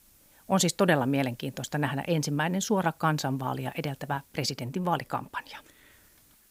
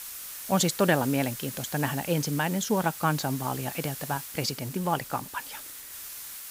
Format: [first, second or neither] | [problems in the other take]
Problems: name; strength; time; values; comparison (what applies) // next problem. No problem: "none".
first | hiss; loud; throughout; 9 dB below the speech; faint in the first